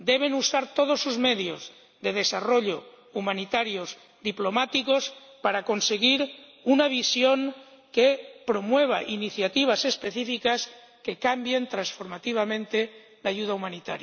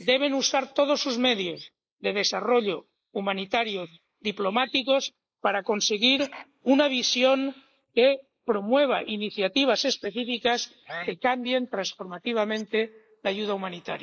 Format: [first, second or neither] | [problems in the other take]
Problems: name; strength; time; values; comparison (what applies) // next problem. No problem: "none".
first | noise reduction (neural mask model Resemble Enhance denoiser)